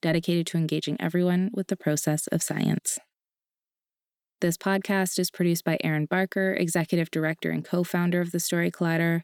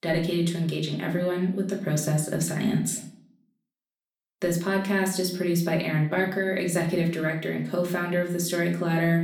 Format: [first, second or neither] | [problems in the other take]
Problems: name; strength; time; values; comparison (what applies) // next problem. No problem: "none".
first | room echo; slight; dies away in 0.5 s // off-mic speech; somewhat distant